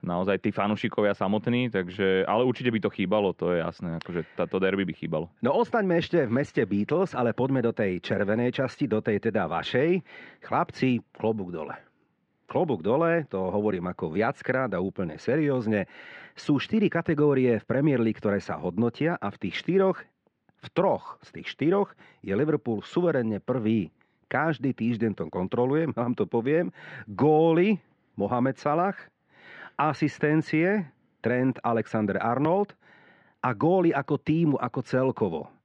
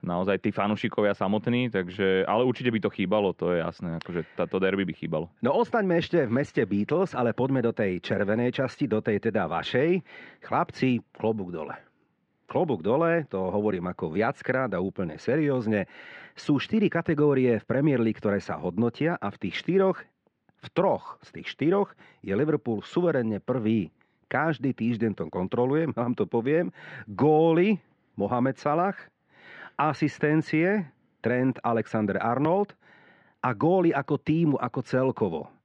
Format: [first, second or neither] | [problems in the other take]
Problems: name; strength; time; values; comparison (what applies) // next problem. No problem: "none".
neither | muffled; very; fading above 3 kHz; the same in both